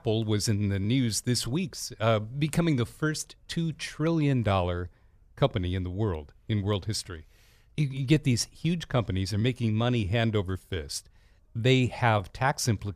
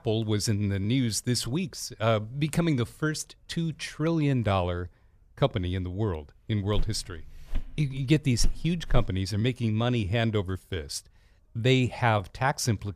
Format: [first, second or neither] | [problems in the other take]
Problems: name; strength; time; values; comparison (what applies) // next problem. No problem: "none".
first | footsteps; noticeable; from 7 to 9 s; peak 8 dB below the speech